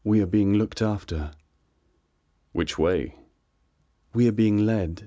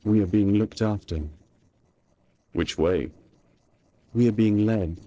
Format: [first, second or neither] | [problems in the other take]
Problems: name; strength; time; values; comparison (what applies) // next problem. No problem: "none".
first | noise reduction (neural separator model SepFormer DNS4)